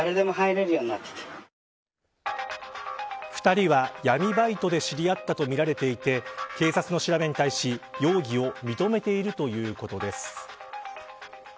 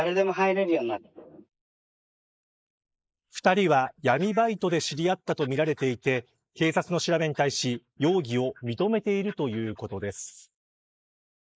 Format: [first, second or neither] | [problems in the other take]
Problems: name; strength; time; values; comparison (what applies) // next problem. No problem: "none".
first | noise reduction (neural mask model Resemble Enhance denoiser)